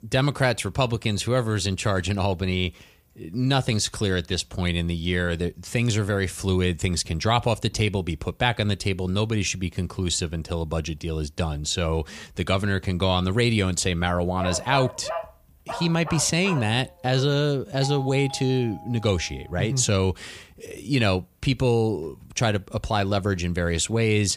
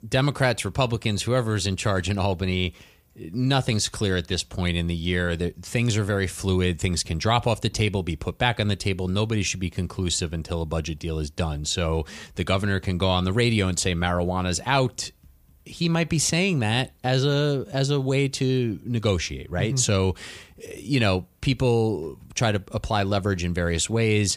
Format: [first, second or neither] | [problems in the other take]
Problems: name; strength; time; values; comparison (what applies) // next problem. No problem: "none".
second | dog barking; noticeable; from 14 to 17 s; peak 6 dB below the speech // doorbell; faint; from 18 to 19 s; peak 10 dB below the speech